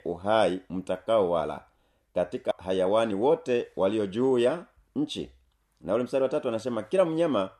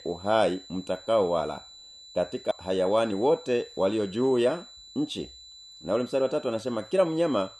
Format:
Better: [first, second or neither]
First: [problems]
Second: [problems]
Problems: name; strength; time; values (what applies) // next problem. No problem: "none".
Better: first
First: none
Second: high-pitched whine; noticeable; throughout; 4 kHz, 20 dB below the speech